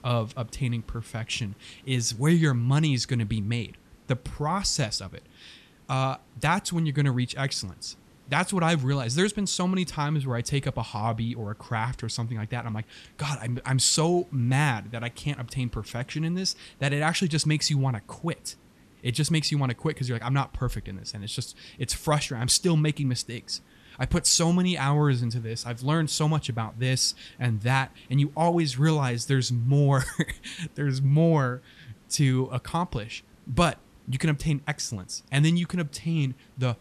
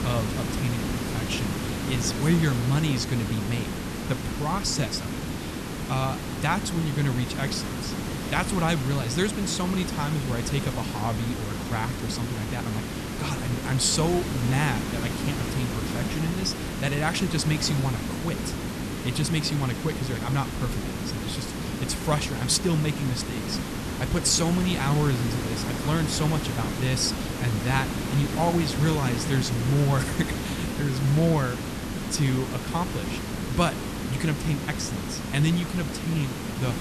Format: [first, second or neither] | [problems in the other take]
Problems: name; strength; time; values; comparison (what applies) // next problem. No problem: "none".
first | hiss; loud; throughout; 4 dB below the speech; faint in the first